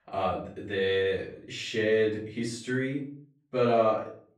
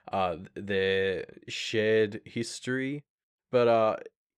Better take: second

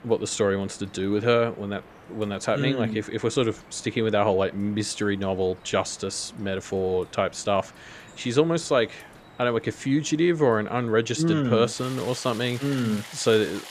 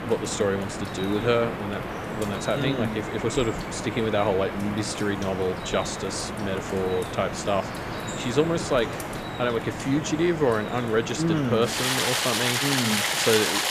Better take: first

